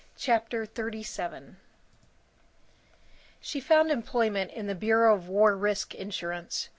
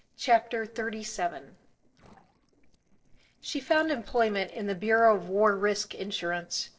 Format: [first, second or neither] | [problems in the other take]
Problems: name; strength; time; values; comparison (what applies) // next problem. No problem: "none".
first | noise reduction (neural separator model SepFormer DNS4)